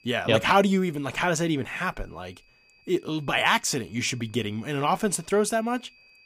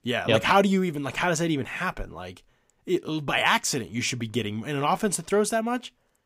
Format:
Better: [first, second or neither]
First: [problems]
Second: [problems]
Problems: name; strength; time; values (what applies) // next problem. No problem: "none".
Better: second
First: high-pitched whine; faint; throughout; 2.5 kHz, 30 dB below the speech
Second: none